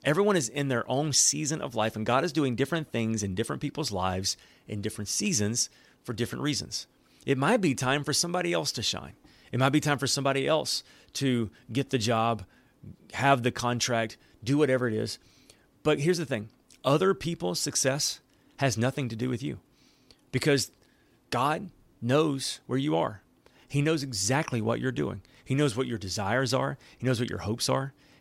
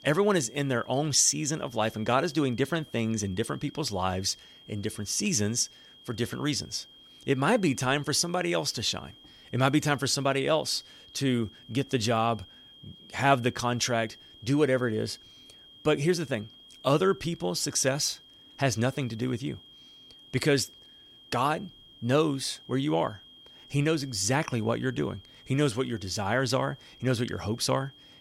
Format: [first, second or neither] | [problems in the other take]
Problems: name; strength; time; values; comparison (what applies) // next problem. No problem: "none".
first | high-pitched whine; faint; throughout; 3 kHz, 25 dB below the speech